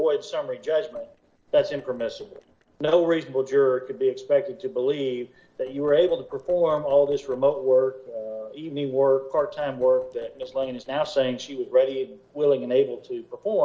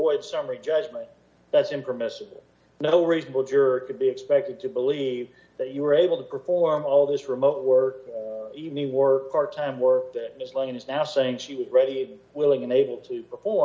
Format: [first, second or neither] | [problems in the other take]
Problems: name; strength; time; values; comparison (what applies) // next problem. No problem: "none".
second | noise reduction (neural separator model SepFormer DNS4)